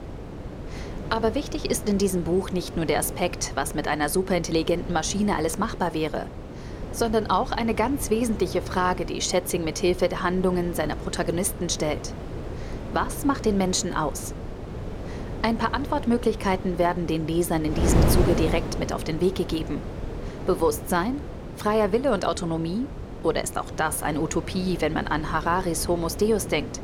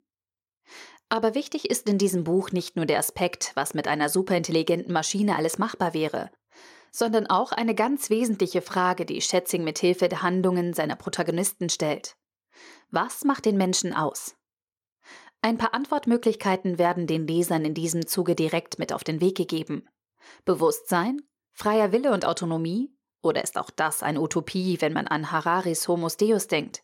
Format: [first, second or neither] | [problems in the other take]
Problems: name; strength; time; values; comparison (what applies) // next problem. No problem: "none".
second | wind noise on the microphone; occasional gusts; 10 dB below the speech